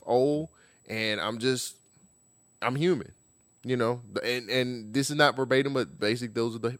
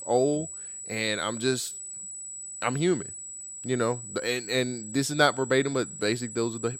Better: first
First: high-pitched whine; faint; throughout; 8 kHz, 35 dB below the speech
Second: high-pitched whine; loud; throughout; 8 kHz, 9 dB below the speech

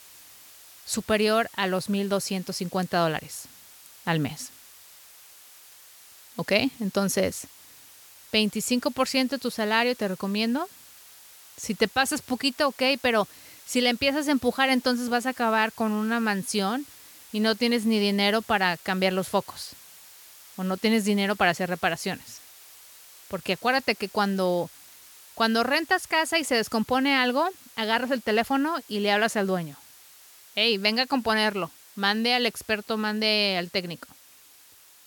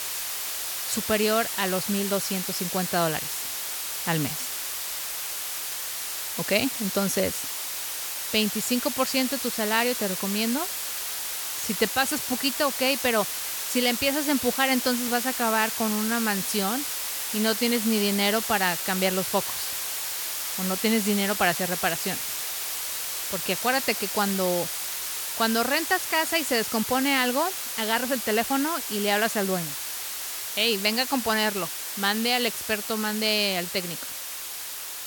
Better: first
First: hiss; faint; throughout; 20 dB below the speech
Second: hiss; loud; throughout; 3 dB below the speech

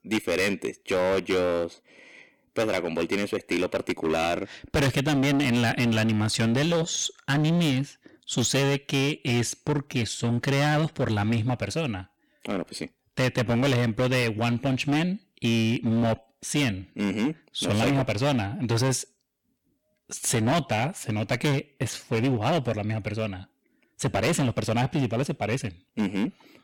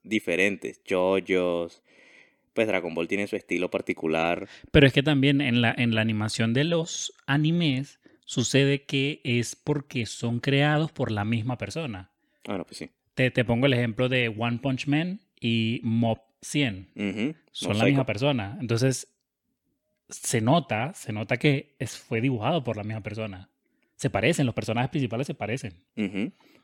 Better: second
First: distortion; heavy; 15% of the sound clipped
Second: none

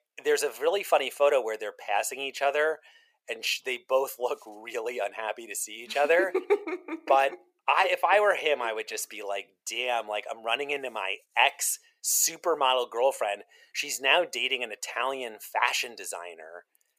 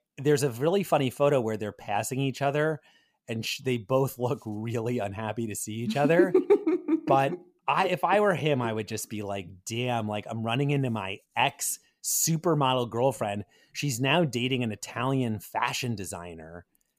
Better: second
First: thin; very; fading below 500 Hz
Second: none

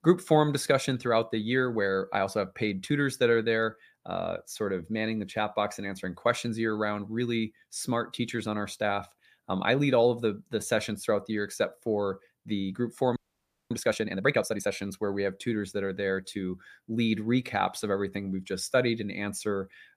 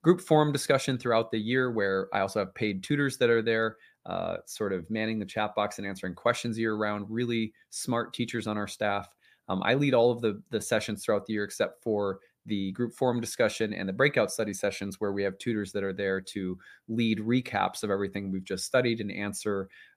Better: second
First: audio freezing; at 13 s for 0.5 s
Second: none

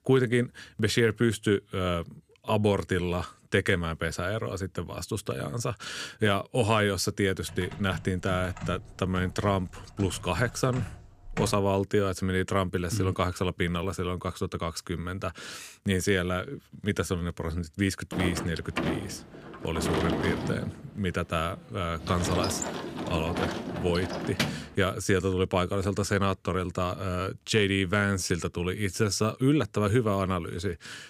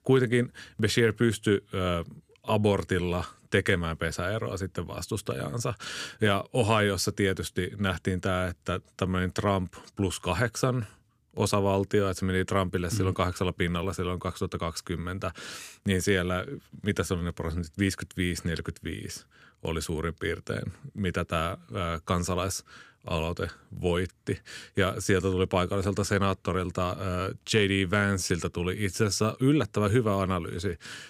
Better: second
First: keyboard typing; noticeable; from 7.5 to 12 s; peak 8 dB below the speech // door banging; loud; from 18 to 25 s; peak level with the speech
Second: none

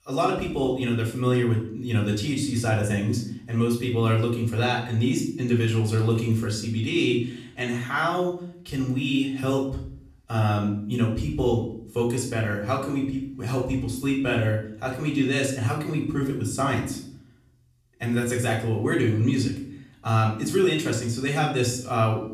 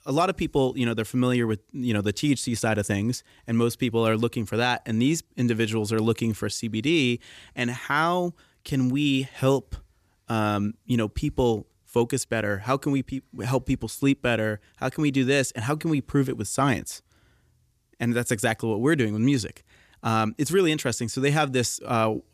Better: second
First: off-mic speech; far // room echo; slight; dies away in 0.5 s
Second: none

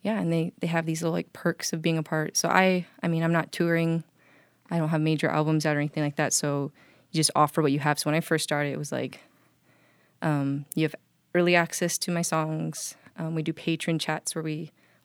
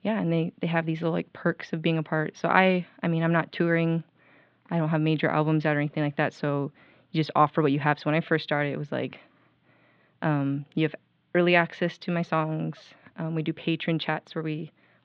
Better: first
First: none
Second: muffled; very; fading above 3.5 kHz

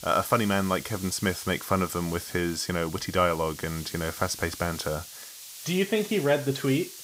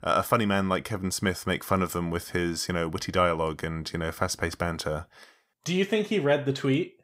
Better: second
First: hiss; noticeable; throughout; 10 dB below the speech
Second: none

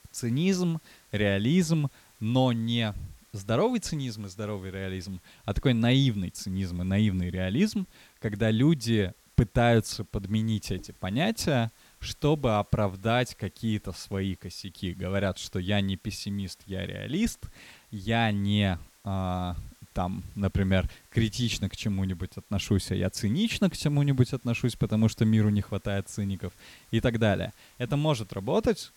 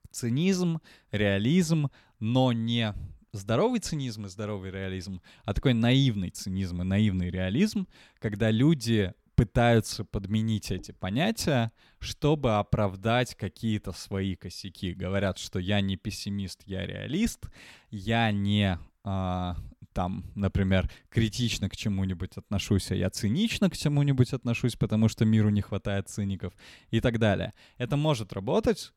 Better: second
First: hiss; faint; throughout; 30 dB below the speech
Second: none

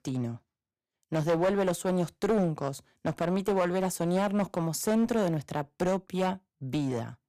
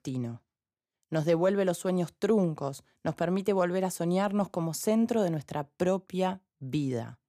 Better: second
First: distortion; slight; 11% of the sound clipped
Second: none

